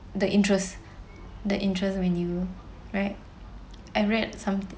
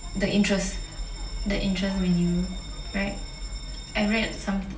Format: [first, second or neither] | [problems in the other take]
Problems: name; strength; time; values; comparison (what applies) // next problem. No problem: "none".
first | background sound (Bell); 16 dB below the speech // room echo; dies away in 0.3 s